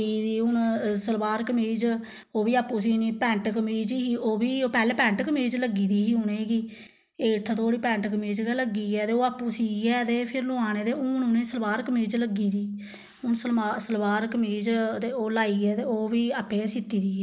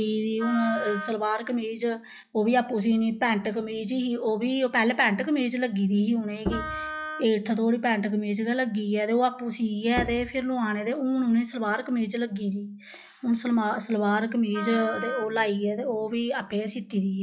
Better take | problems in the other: first | noise reduction (classical method log-MMSE)

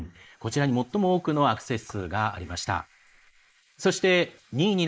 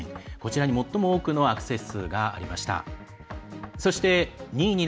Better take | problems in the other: second | noise reduction (neural mask model Resemble Enhance denoiser)

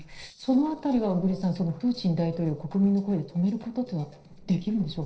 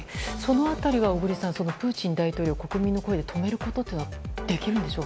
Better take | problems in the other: second | noise reduction (neural separator model SepFormer DNS4)

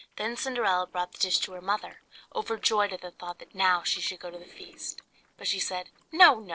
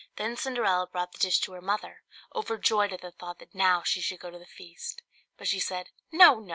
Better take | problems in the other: second | noise reduction (neural separator model SepFormer DNS4)

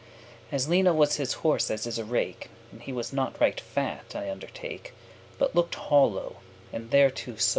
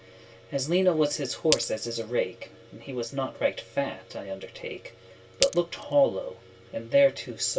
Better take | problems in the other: first | background sound (Glass); 7 dB below the speech // room echo; dies away in 0.1 s

